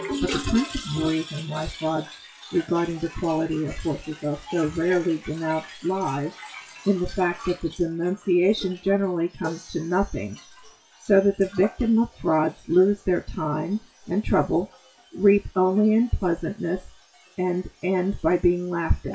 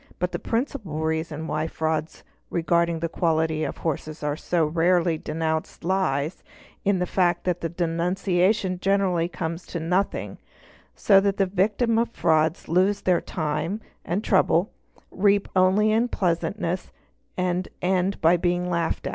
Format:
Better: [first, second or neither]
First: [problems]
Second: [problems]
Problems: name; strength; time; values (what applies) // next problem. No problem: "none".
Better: second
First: noise reduction (classical method WPE with log-MMSE)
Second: none